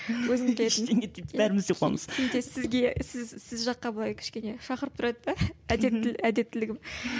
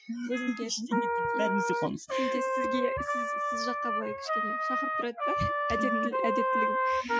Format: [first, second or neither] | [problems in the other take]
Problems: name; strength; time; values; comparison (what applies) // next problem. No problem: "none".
first | noise reduction (classical method Wiener filter)